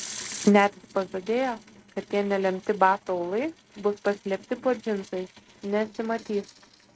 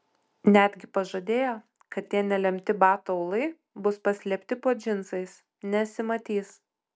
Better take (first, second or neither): second